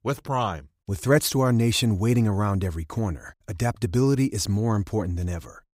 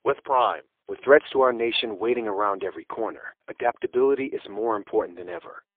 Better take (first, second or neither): first